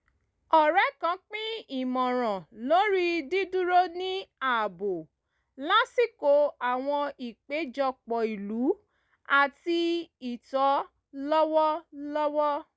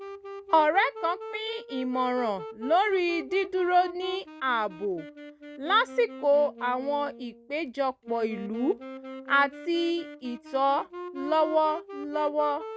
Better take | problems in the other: first | background sound (Wind instrument, woodwind instrument); 13 dB below the speech

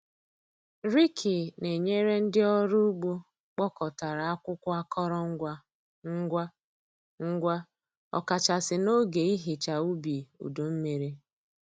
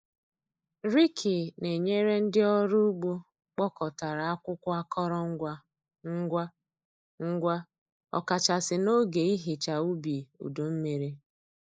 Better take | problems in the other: first | noise reduction (neural mask model Resemble Enhance denoiser)

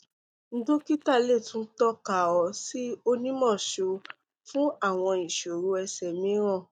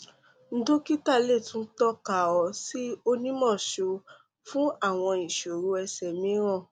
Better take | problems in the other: second | noise reduction (neural mask model DeepFilterNet 3)

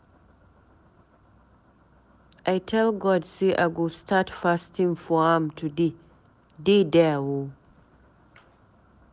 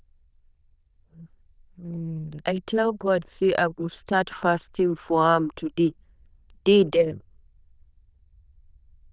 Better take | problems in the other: first | noise reduction (neural diffusion model UNIVERSE++)

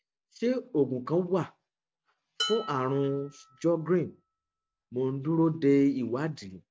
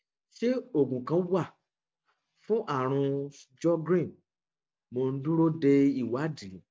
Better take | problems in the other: second | background sound (Dishes, pots, and pans); 13 dB below the speech

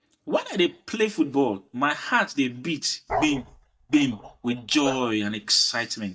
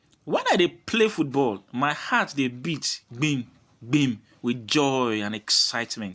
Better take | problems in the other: second | noise reduction (neural mask model DeepFilterNet 3)

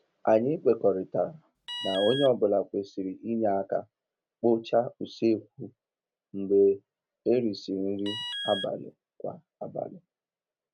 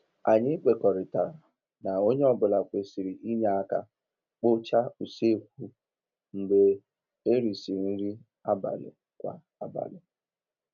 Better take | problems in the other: second | background sound (Alarm); 8 dB below the speech

